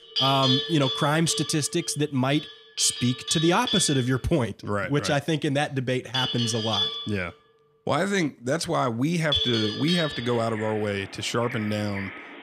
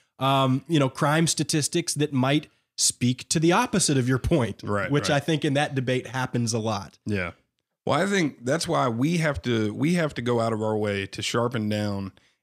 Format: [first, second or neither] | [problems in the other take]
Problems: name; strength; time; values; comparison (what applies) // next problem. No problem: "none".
second | animal sounds; loud; throughout; 3 dB below the speech